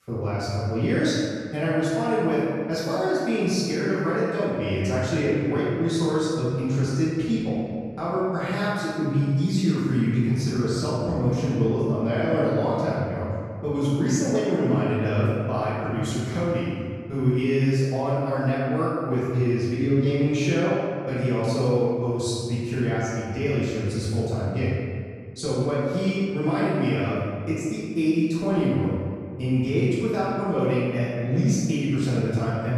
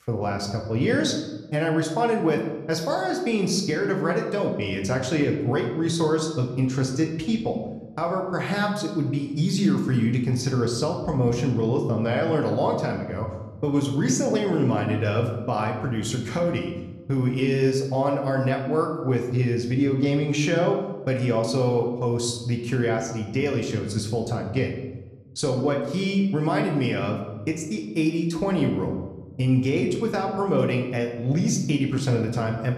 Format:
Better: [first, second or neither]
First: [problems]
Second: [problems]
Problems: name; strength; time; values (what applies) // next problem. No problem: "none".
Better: second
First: room echo; strong; dies away in 1.9 s // off-mic speech; far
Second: room echo; slight; dies away in 0.9 s